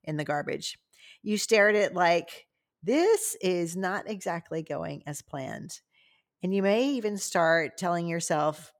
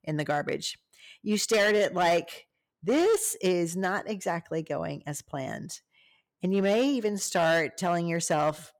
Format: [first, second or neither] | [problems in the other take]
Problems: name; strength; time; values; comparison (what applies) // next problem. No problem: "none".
first | distortion; slight; 5% of the sound clipped